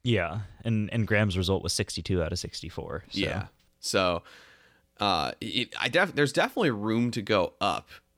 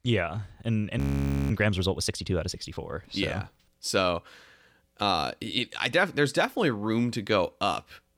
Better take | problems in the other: first | audio freezing; at 1 s for 0.5 s

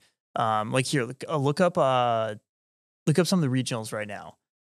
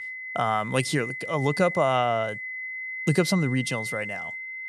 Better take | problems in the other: first | high-pitched whine; loud; throughout; 2 kHz, 7 dB below the speech

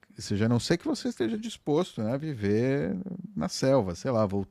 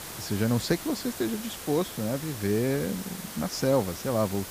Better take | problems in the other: first | hiss; loud; throughout; 9 dB below the speech

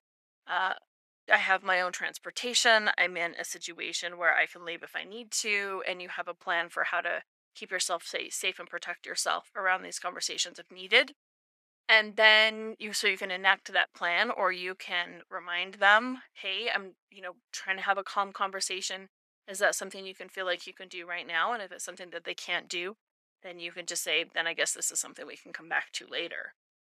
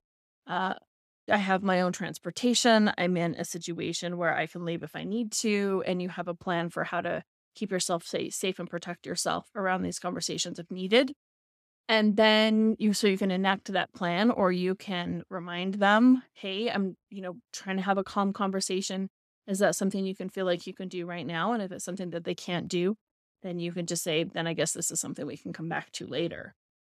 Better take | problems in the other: second | thin; very; fading below 650 Hz

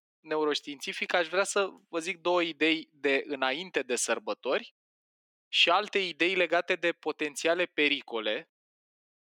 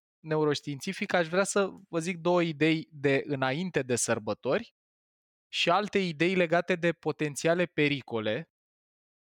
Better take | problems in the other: second | thin; somewhat; fading below 250 Hz

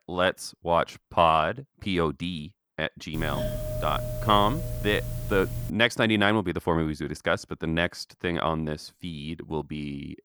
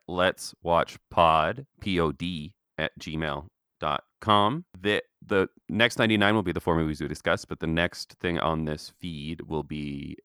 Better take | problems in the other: second | doorbell; noticeable; from 3 to 5.5 s; peak 4 dB below the speech

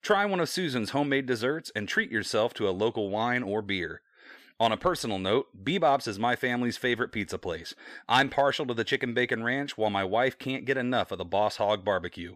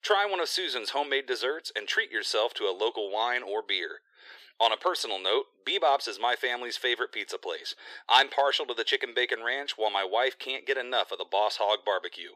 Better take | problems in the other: first | thin; very; fading below 400 Hz

